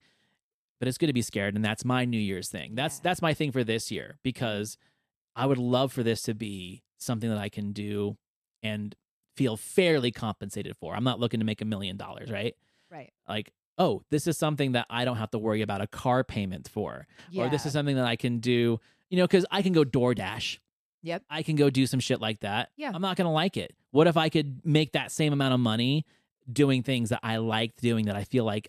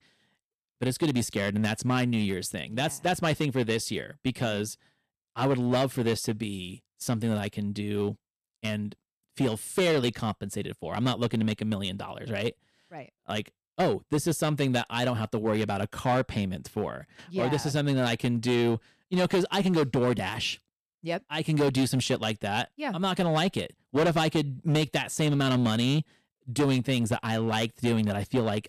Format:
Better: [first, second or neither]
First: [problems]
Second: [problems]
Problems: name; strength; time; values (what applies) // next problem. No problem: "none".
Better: first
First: none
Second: distortion; slight; 7% of the sound clipped